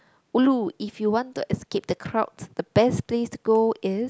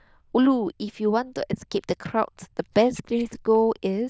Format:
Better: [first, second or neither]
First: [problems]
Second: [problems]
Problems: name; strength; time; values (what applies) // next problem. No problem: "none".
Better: first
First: none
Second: noise reduction (neural diffusion model UNIVERSE++)